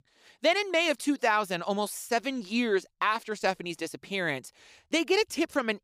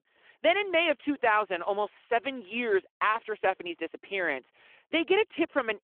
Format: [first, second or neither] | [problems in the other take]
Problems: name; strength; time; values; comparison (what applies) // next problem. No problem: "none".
first | phone-call audio